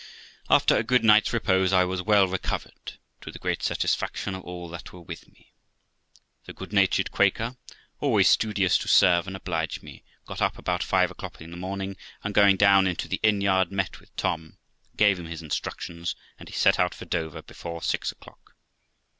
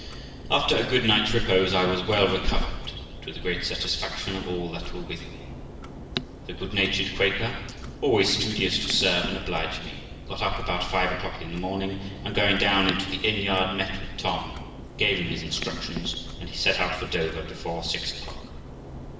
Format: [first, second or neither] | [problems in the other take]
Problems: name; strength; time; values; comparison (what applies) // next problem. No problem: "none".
first | background sound (Clock); 11 dB below the speech // room echo; dies away in 1.1 s